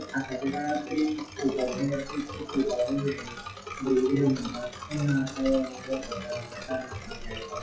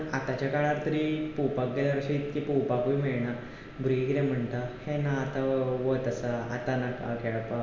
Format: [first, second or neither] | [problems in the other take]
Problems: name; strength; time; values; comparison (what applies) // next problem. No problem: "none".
second | noise reduction (classical method WPE with log-MMSE)